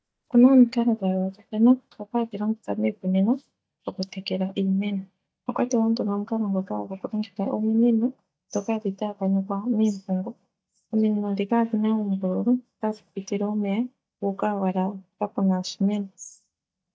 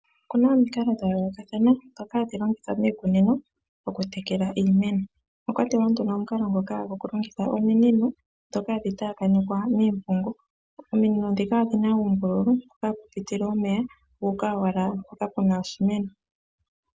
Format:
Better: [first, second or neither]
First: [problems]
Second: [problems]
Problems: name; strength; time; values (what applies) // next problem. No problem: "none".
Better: second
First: noise reduction (neural mask model DeepFilterNet 3)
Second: none